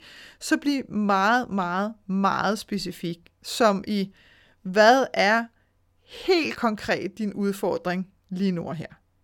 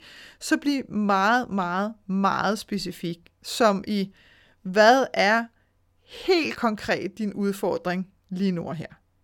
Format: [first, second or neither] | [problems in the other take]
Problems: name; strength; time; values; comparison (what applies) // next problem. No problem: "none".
neither | none